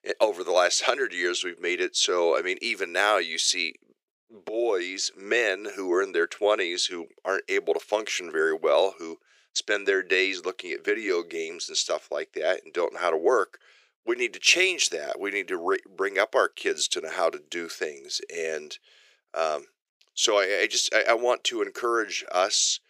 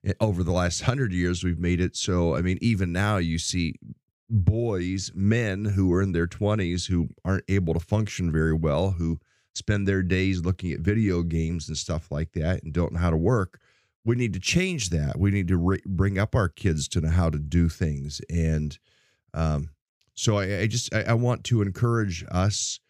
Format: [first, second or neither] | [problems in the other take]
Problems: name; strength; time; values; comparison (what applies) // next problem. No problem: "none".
second | thin; very; fading below 350 Hz